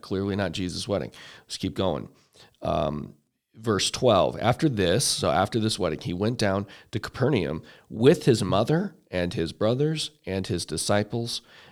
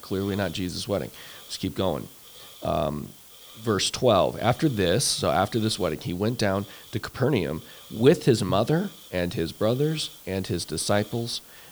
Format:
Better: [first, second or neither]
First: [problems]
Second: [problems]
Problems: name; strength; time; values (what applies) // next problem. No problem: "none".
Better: first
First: none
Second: hiss; noticeable; throughout; 20 dB below the speech